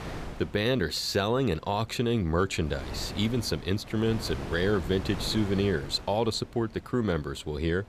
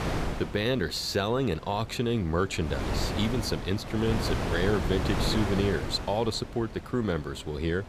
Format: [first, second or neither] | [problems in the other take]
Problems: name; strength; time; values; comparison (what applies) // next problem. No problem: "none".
first | wind noise on the microphone; heavy; 4 dB below the speech; occasional gusts in the first